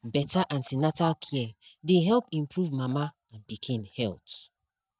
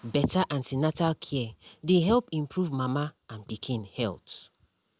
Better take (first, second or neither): second